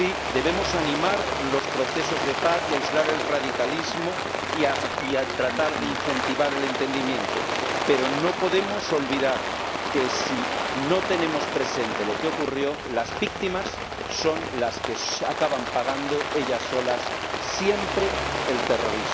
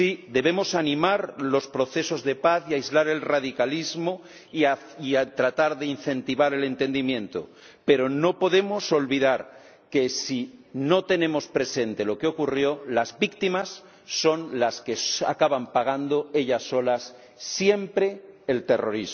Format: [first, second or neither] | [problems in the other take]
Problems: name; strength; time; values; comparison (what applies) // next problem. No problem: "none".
second | background sound (Rain); 1 dB below the speech